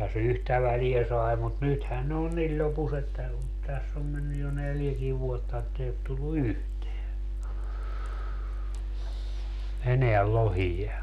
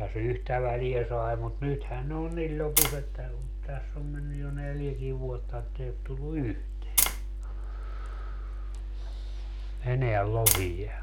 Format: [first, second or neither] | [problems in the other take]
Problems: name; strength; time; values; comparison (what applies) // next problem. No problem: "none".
first | background sound (Tap); 4 dB above the speech